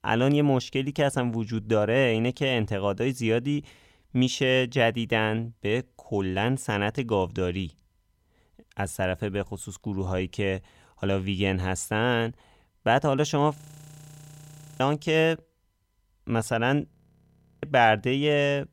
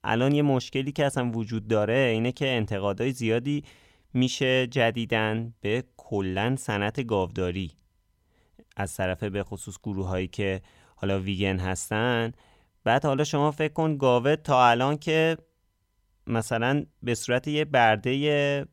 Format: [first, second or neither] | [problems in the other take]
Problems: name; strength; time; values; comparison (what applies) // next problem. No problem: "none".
second | audio freezing; at 14 s for 1 s and at 17 s for 0.5 s